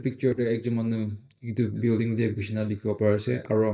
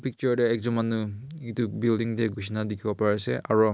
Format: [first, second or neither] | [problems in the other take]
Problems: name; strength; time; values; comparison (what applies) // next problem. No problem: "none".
second | noise reduction (neural mask model DeepFilterNet 3)